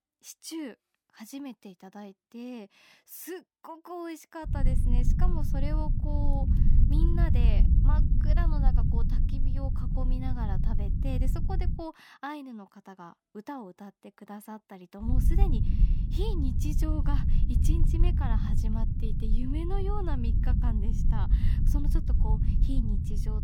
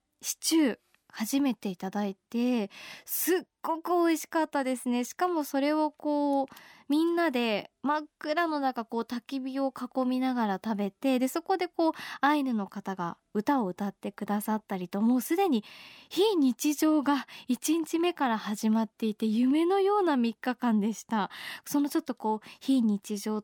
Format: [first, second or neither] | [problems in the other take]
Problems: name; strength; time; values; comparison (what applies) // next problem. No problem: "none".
second | low rumble; loud; from 4.5 to 12 s and from 15 s on; 3 dB below the speech